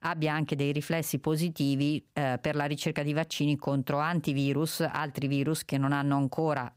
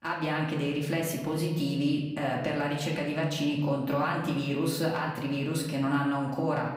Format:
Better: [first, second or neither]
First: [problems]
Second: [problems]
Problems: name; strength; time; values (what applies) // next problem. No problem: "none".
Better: first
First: none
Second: room echo; noticeable; dies away in 0.9 s // off-mic speech; far